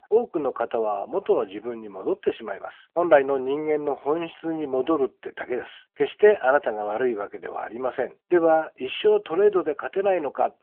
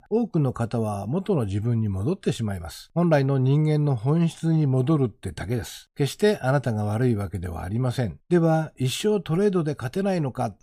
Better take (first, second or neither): second